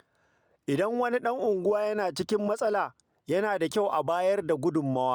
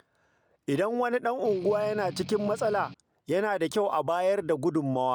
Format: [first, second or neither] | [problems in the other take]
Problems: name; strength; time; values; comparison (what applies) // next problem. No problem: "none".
first | background sound (Strum); 15 dB below the speech